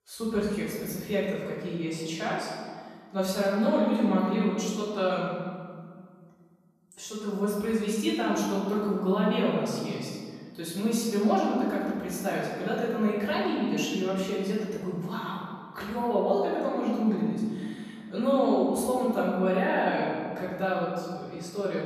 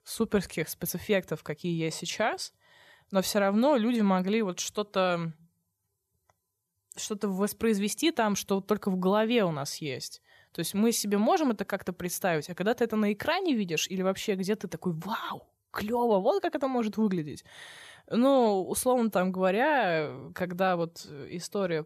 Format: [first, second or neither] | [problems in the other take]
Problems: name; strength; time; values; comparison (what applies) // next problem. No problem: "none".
second | off-mic speech; far // room echo; noticeable; dies away in 1.8 s